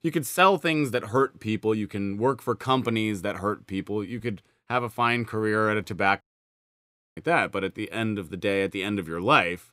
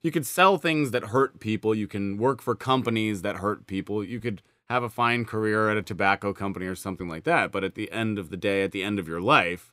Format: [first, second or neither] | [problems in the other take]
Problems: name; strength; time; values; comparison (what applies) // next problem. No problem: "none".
second | audio cutting out; at 6 s for 1 s